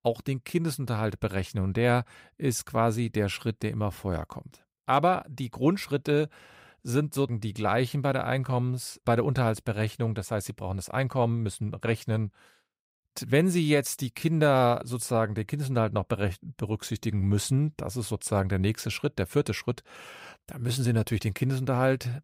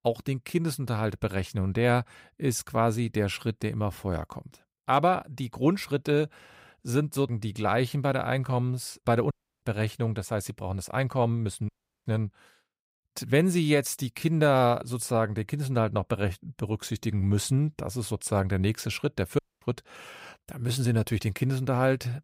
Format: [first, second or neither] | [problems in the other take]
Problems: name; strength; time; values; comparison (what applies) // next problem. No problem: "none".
first | audio cutting out; at 9.5 s, at 12 s and at 19 s